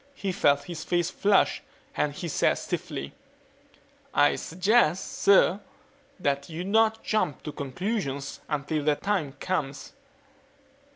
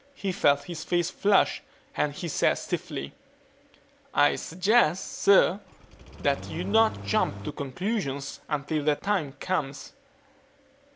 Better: first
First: none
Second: background sound (Engine starting); 12 dB below the speech

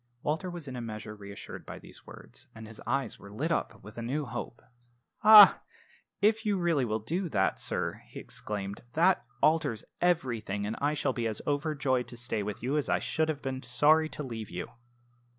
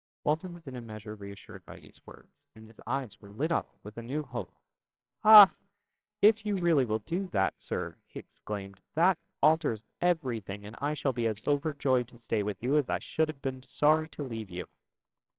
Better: first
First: none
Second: noise reduction (neural separator model SepFormer WHAMR!)

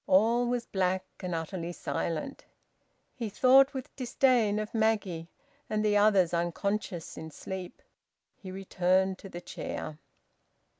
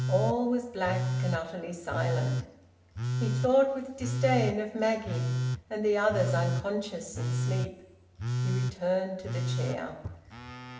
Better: first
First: none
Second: background sound (Telephone); 1 dB below the speech // room echo; dies away in 0.9 s

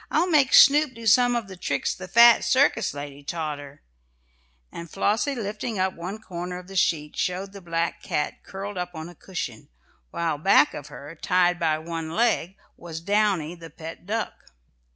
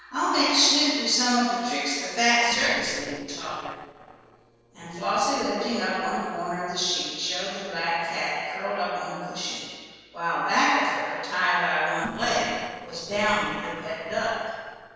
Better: first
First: none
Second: noise reduction (neural separator model SepFormer DNS4)

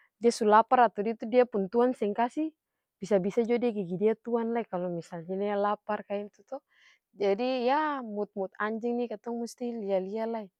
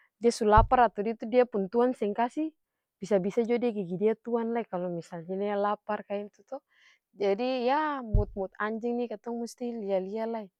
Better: first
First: none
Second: background sound (Bass drum); 6 dB below the speech

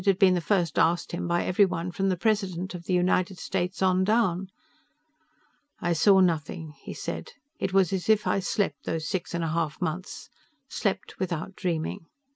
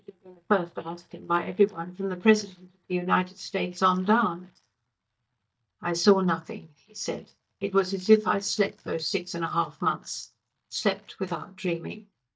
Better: first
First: none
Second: noise reduction (neural mask model DeepFilterNet 3)

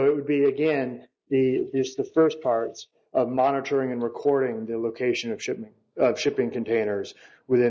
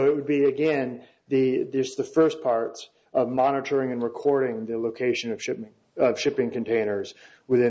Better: second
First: noise reduction (neural mask model Resemble Enhance denoiser)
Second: none

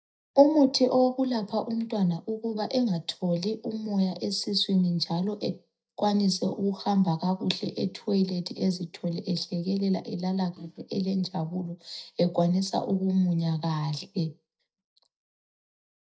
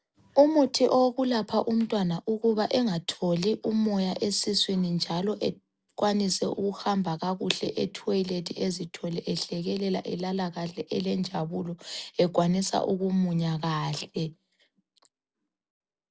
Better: second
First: noise reduction (neural mask model DeepFilterNet 3)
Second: none

